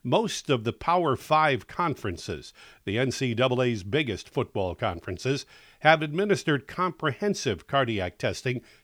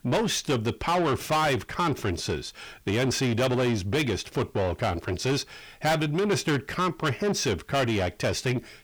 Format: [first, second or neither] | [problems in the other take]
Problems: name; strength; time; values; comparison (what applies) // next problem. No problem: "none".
first | distortion; heavy; 6 dB below the speech